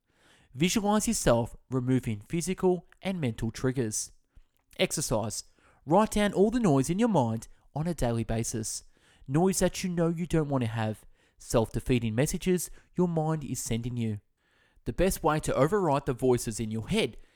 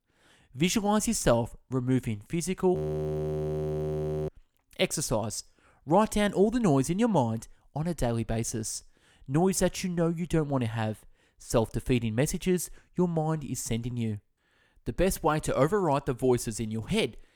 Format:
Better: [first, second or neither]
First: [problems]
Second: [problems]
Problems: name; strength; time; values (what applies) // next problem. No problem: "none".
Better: first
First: none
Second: audio freezing; at 3 s for 1.5 s